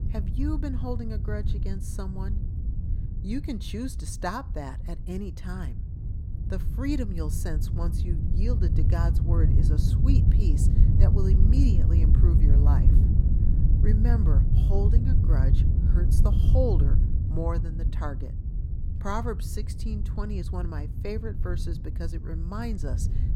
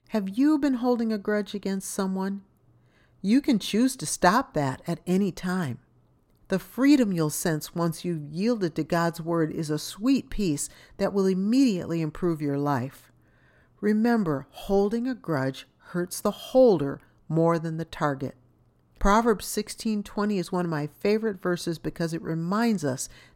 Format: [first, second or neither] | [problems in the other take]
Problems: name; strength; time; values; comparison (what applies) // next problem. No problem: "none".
second | wind noise on the microphone; heavy; 3 dB below the speech